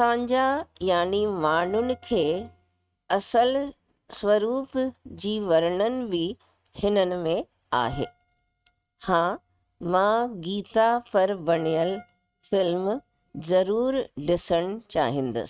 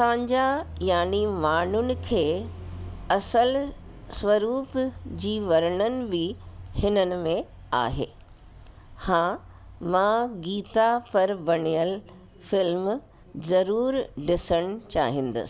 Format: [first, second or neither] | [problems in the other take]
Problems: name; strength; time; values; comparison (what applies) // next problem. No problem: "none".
second | noise reduction (neural mask model RNNoise)